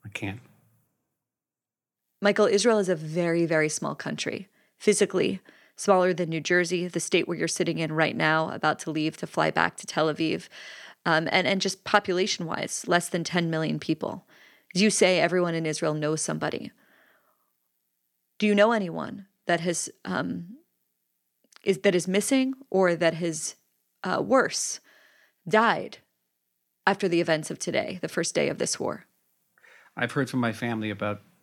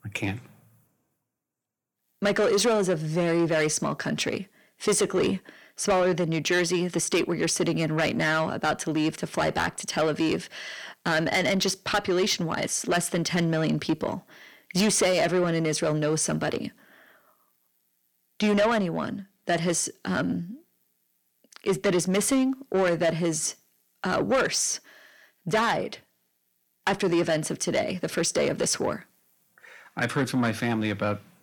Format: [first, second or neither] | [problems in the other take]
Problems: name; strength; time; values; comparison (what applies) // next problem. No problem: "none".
first | distortion; heavy; 7 dB below the speech